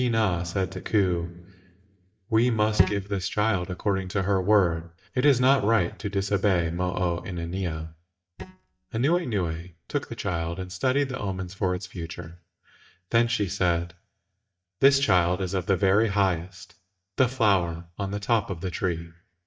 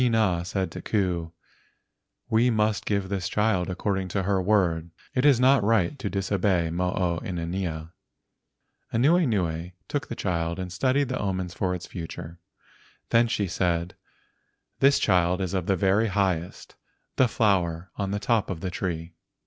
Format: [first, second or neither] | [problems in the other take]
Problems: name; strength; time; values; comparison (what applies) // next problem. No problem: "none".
second | noise reduction (neural mask model DeepFilterNet 3)